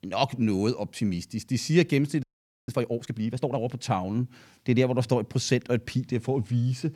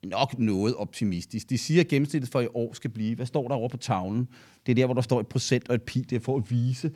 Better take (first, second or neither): second